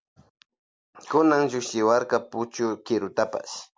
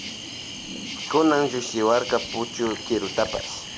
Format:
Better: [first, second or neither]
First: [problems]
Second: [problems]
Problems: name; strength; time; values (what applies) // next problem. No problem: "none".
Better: first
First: none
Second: background sound (Cricket); 9 dB below the speech